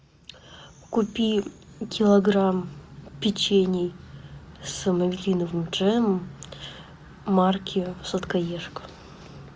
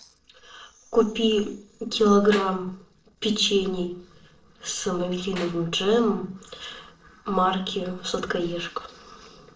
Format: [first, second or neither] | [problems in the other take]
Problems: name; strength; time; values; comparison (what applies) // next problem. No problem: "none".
first | noise reduction (neural separator model SepFormer DNS4)